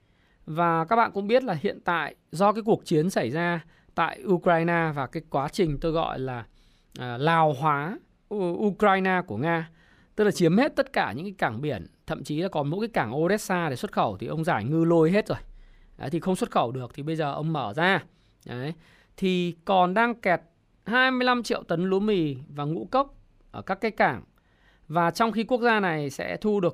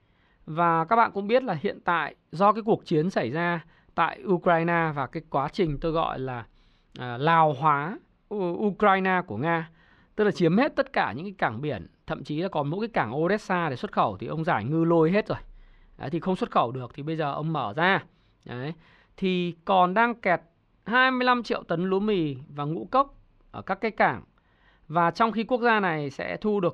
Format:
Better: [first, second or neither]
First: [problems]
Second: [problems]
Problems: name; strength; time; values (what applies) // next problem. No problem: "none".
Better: first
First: none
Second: muffled; very slightly; fading above 3.5 kHz